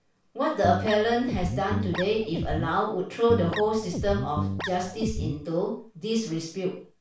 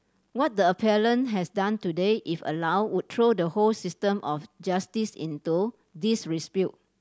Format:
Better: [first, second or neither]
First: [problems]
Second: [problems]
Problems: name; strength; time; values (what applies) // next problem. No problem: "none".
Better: second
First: background sound (Guitar); 4 dB below the speech // room echo; dies away in 0.4 s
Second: none